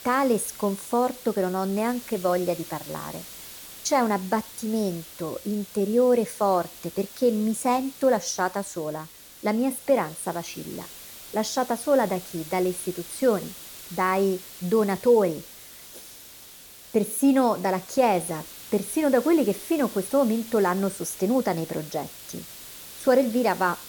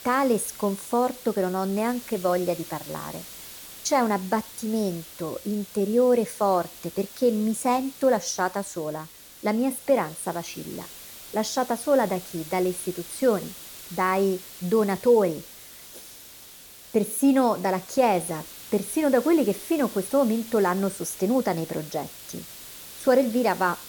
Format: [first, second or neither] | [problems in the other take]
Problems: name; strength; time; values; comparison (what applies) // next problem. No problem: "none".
neither | hiss; noticeable; throughout; 15 dB below the speech; the same in both